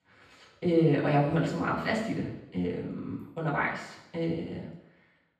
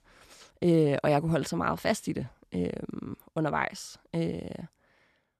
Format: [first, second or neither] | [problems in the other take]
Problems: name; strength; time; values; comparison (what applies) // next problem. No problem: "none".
second | room echo; noticeable; dies away in 0.9 s // off-mic speech; far